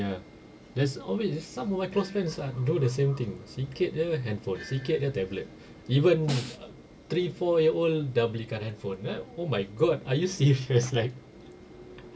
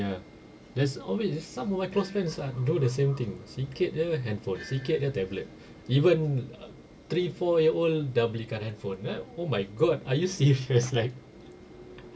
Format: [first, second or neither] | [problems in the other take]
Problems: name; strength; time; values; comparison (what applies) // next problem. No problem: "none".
second | background sound (Snare drum); 12 dB below the speech